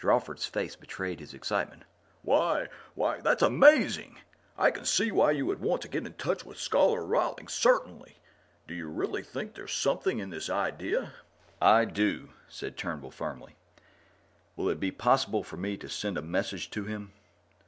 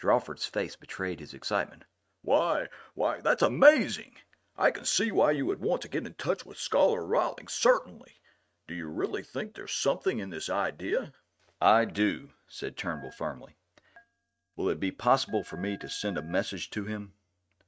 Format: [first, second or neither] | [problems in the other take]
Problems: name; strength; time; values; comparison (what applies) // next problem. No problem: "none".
first | noise reduction (neural mask model RNNoise)